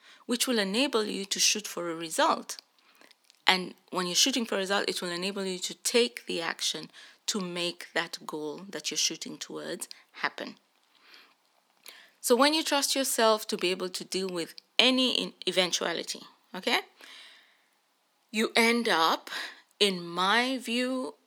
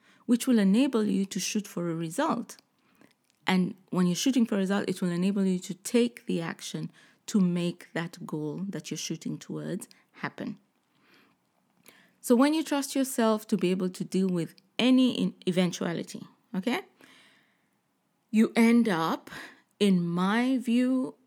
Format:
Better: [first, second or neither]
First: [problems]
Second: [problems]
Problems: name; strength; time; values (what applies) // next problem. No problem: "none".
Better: second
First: thin; somewhat; fading below 500 Hz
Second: none